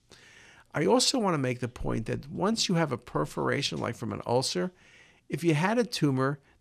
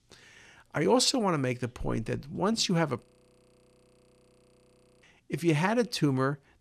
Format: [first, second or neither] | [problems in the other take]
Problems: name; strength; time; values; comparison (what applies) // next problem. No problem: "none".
first | audio freezing; at 3 s for 2 s